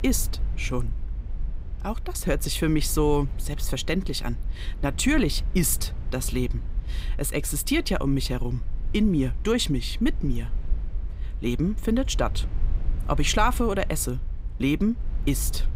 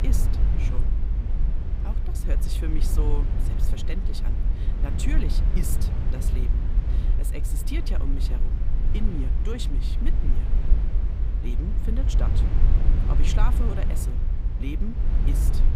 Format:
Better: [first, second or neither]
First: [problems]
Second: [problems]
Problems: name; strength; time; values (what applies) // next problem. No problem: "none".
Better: first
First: low rumble; faint; throughout; 20 dB below the speech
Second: low rumble; loud; throughout; 2 dB below the speech